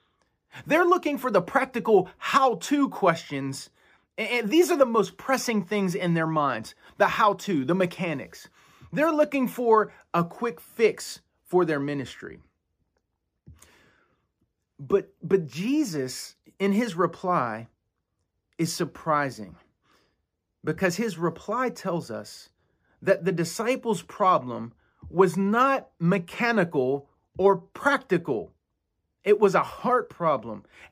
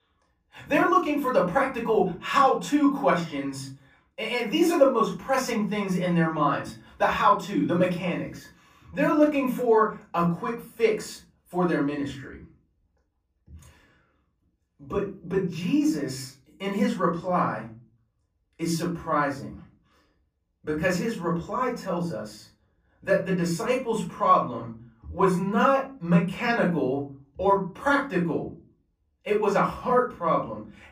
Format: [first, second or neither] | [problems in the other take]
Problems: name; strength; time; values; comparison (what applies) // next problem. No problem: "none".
first | off-mic speech; far // room echo; slight; dies away in 0.4 s